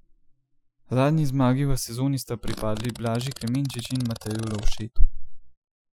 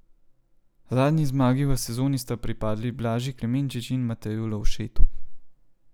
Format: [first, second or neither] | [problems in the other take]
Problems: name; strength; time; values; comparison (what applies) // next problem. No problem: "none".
second | noise reduction (classical method Wiener filter)